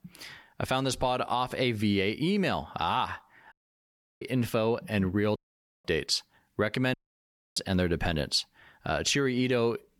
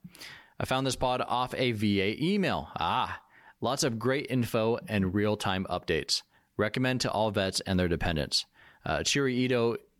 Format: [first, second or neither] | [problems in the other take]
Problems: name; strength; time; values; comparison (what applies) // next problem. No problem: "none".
second | audio cutting out; at 3.5 s for 0.5 s, at 5.5 s and at 7 s for 0.5 s